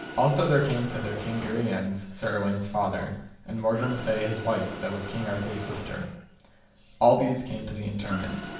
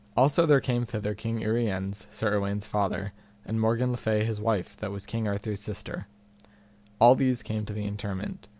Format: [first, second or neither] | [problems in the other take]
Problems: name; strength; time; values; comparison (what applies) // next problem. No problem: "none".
second | background sound (Mechanisms); 13 dB below the speech // room echo; dies away in 0.6 s